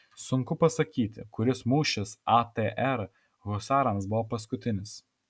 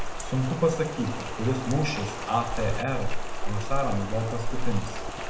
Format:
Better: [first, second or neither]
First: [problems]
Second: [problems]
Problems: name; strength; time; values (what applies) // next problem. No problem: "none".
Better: first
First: none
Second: background sound (Rain); 1 dB above the speech // room echo; dies away in 0.8 s